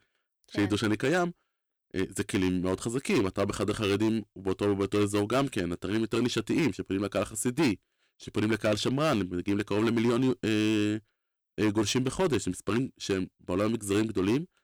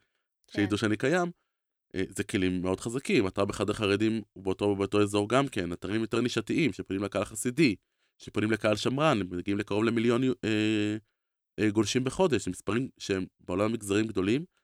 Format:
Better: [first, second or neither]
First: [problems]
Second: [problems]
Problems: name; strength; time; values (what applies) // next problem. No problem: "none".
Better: second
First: distortion; slight; 9% of the sound clipped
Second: none